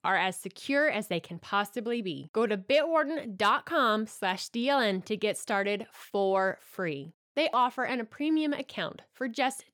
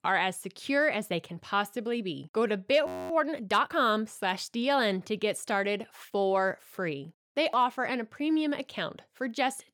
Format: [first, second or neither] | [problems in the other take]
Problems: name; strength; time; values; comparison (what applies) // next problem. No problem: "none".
first | audio freezing; at 3 s